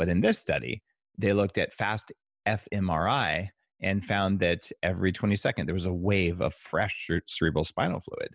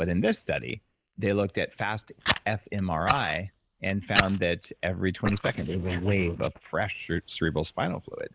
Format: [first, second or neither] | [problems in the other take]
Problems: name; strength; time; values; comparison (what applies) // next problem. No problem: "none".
first | noise reduction (neural mask model Resemble Enhance denoiser)